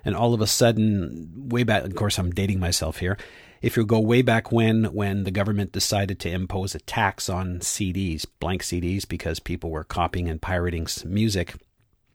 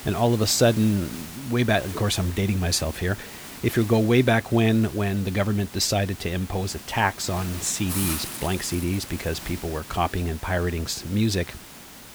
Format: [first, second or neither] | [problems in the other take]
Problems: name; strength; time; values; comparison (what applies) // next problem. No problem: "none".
first | hiss; noticeable; throughout; 10 dB below the speech